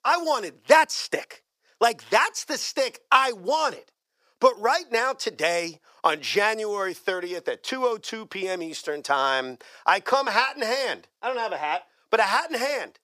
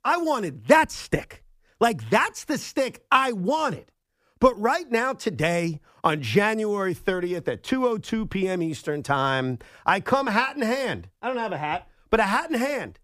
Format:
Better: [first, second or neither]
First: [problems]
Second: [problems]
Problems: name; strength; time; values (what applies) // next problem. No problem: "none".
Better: second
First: thin; somewhat; fading below 550 Hz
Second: none